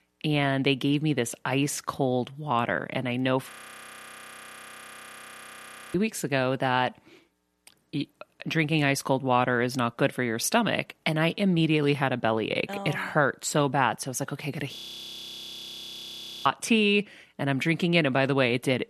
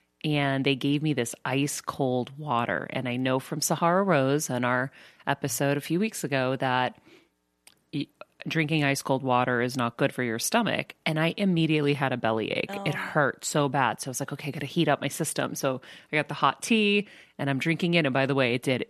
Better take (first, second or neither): second